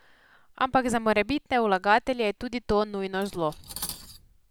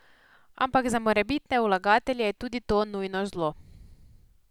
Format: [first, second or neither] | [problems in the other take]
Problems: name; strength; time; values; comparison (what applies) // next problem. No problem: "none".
second | background sound (Cutlery, silverware); 18 dB below the speech